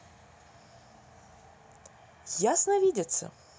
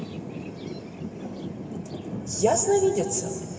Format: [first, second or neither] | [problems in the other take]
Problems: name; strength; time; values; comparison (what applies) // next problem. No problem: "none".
first | background sound (Thunder); 7 dB below the speech // room echo; dies away in 1.9 s